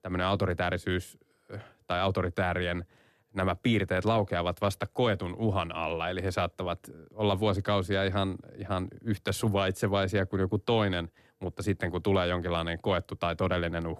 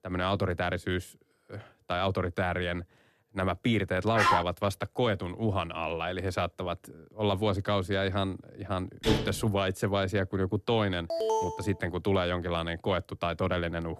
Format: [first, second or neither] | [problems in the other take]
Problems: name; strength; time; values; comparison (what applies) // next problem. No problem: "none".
first | dog barking; loud; at 4 s; peak 5 dB above the speech // door banging; loud; at 9 s; peak 1 dB above the speech // alarm; loud; at 11 s; peak 1 dB above the speech